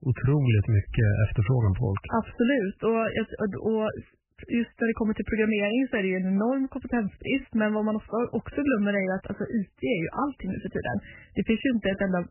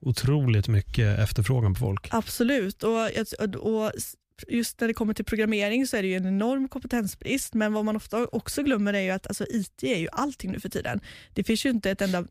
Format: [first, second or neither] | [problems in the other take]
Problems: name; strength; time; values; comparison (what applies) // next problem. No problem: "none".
second | garbled, watery; badly; nothing above 3 kHz